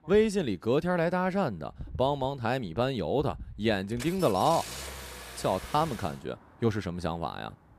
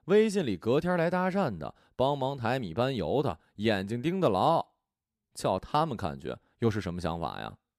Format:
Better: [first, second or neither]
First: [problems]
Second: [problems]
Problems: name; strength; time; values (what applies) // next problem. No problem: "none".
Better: second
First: traffic noise; noticeable; throughout; 15 dB below the speech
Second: none